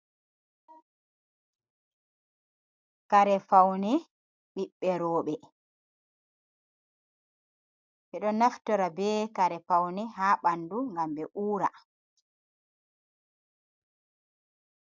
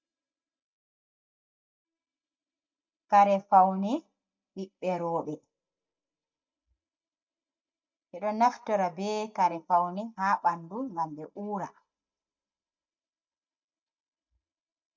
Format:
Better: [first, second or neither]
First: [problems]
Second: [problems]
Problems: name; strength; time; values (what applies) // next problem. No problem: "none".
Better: first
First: none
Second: noise reduction (neural mask model DeepFilterNet 3)